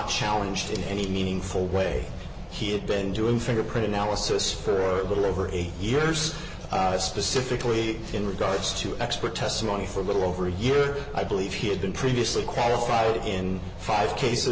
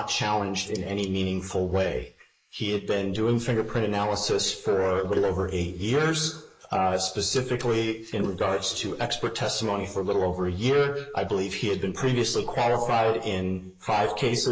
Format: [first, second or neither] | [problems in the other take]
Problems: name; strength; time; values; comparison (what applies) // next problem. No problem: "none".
first | noise reduction (neural mask model Resemble Enhance denoiser)